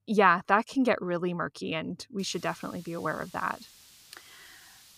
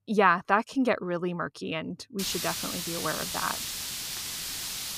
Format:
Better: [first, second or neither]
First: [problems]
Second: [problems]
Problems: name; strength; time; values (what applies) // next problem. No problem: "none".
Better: first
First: hiss; faint; from 2 s on; 25 dB below the speech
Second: hiss; loud; from 2 s on; 3 dB below the speech